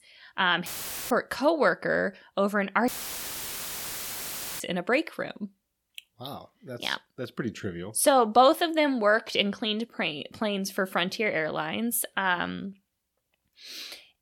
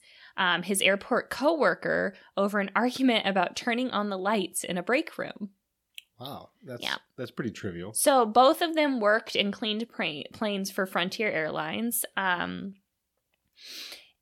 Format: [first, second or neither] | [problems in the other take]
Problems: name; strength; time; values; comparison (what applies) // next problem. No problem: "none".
second | audio cutting out; filled with static; at 0.5 s and at 3 s for 1.5 s